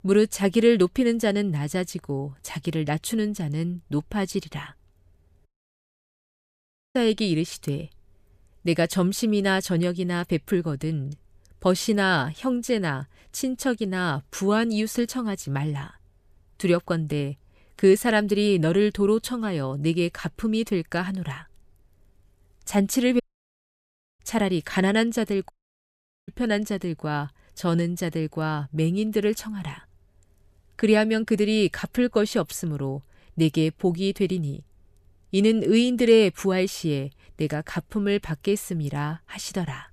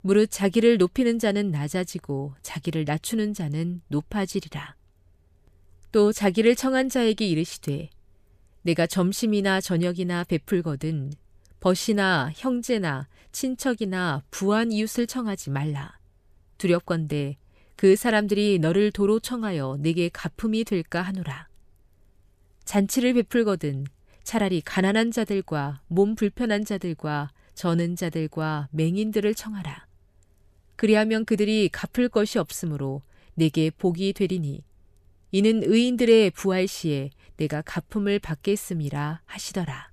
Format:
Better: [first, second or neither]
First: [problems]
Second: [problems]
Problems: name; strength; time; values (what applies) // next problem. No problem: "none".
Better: second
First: audio cutting out; at 5.5 s for 1.5 s, at 23 s for 1 s and at 26 s for 1 s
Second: none